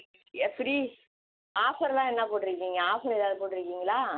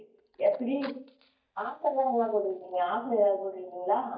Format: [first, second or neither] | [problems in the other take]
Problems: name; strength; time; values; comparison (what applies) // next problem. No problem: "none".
first | noise reduction (neural mask model DeepFilterNet 3)